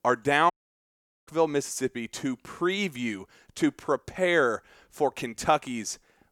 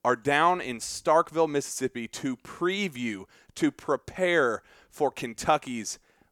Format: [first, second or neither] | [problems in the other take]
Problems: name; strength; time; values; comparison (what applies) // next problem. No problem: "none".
second | audio cutting out; at 0.5 s for 1 s